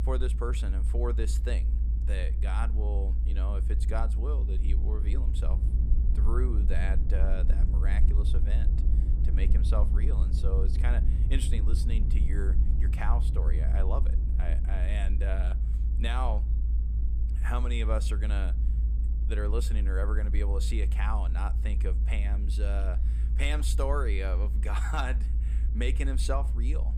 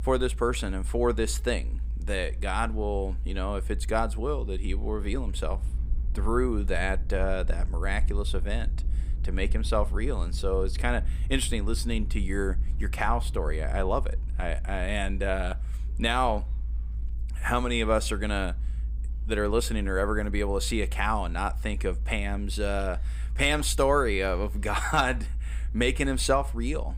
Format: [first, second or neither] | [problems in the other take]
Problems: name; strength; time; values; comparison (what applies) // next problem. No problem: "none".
second | low rumble; loud; throughout; 9 dB below the speech; faint in the second